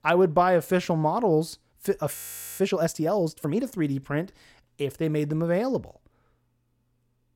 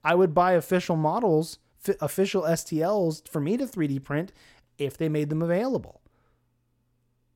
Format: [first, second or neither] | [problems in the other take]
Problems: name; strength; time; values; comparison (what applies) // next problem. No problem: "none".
second | audio freezing; at 2 s